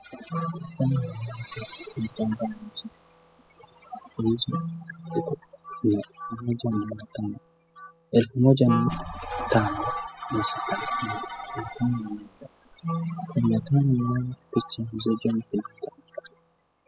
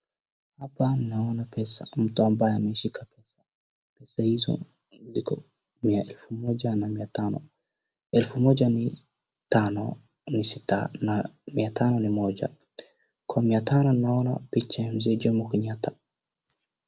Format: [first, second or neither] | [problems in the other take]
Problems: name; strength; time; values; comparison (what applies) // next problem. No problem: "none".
second | noise reduction (classical method spectral subtraction)